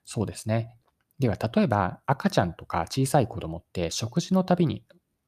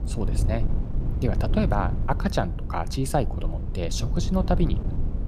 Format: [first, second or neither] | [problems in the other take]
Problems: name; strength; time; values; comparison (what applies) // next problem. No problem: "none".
first | wind noise on the microphone; occasional gusts; 10 dB below the speech